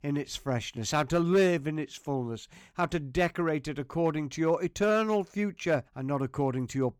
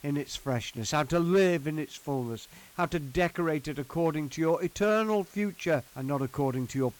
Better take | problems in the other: first | hiss; faint; throughout; 25 dB below the speech

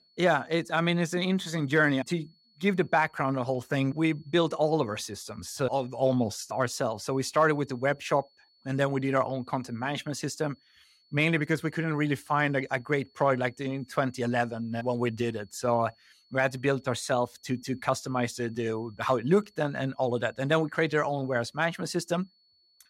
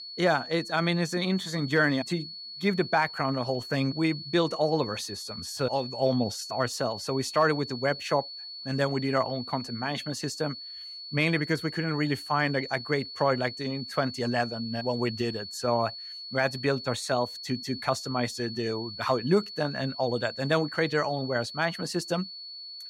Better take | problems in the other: first | high-pitched whine; loud; throughout; 4.5 kHz, 9 dB below the speech; faint in the first

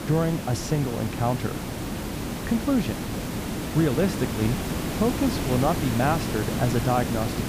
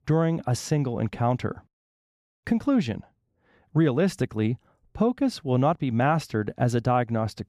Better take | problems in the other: second | hiss; loud; throughout; 3 dB below the speech

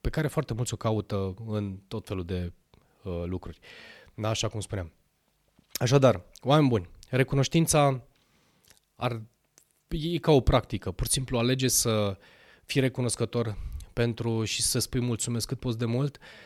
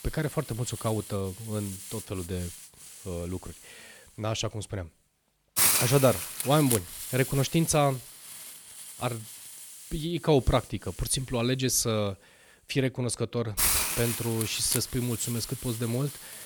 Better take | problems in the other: first | hiss; loud; throughout; 2 dB below the speech

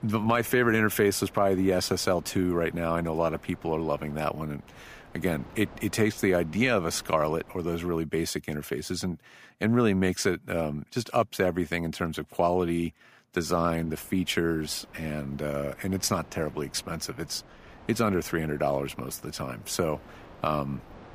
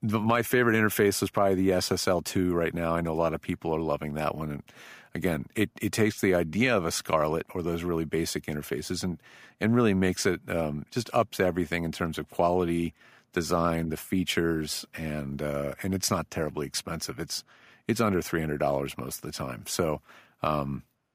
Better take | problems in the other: second | wind noise on the microphone; occasional gusts; until 8 s and from 13 s on; 25 dB below the speech

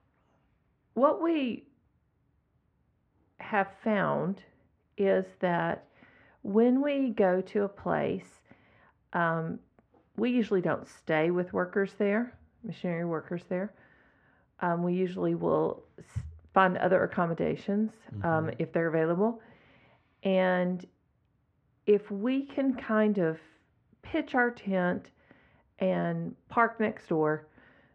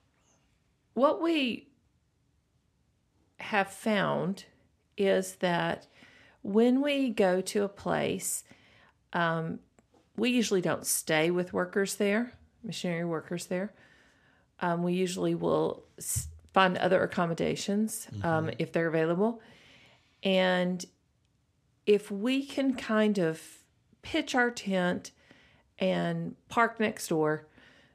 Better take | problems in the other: second | muffled; very; fading above 1.5 kHz

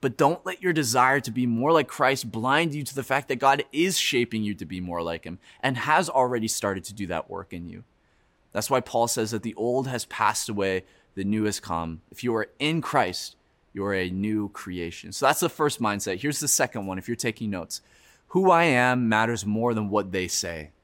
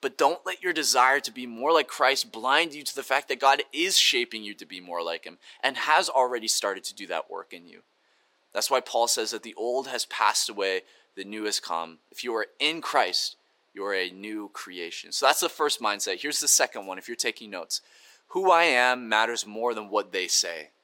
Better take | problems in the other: first | thin; somewhat; fading below 400 Hz

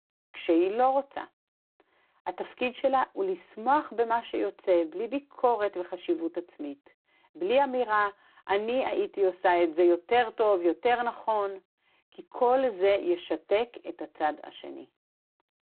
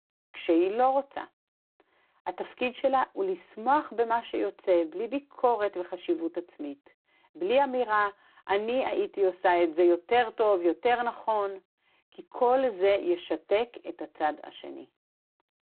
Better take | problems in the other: neither | phone-call audio; poor line; the same in both

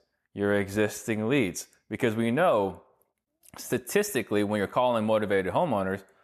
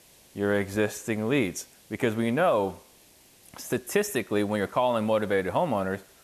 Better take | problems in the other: first | hiss; faint; throughout; 25 dB below the speech

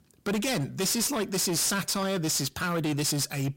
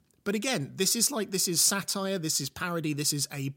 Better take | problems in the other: second | distortion; heavy; 27% of the sound clipped

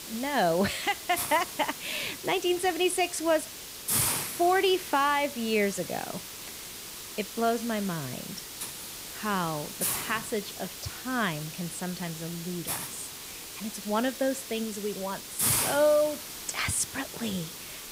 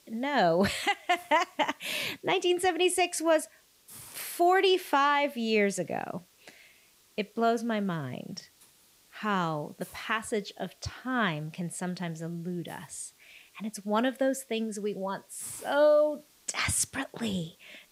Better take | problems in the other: second | hiss; loud; throughout; 5 dB below the speech; faint in the second

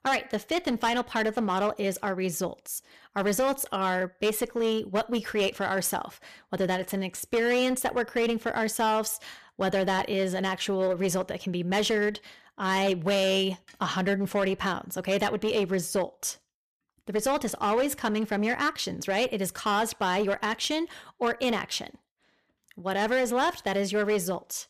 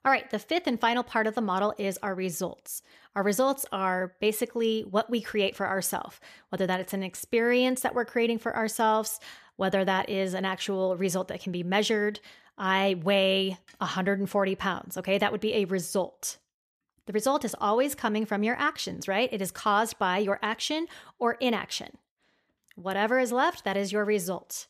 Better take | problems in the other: second | distortion; slight; 9% of the sound clipped

